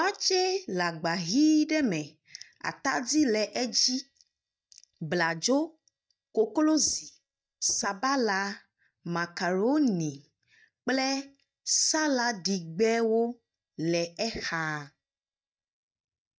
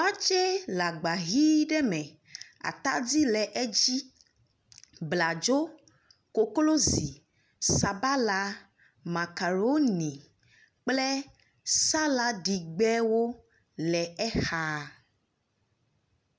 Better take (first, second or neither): second